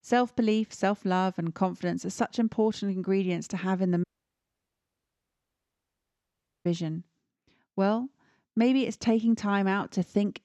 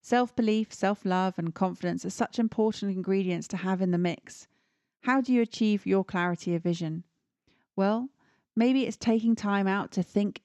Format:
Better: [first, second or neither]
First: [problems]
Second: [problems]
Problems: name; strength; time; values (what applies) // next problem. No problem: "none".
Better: second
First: audio cutting out; at 4 s for 2.5 s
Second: none